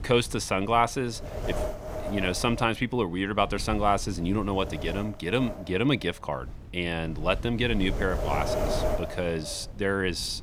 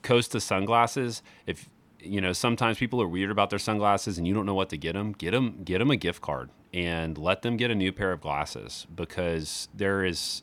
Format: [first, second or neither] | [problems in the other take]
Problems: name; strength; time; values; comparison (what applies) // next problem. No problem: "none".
second | wind noise on the microphone; heavy; 7 dB below the speech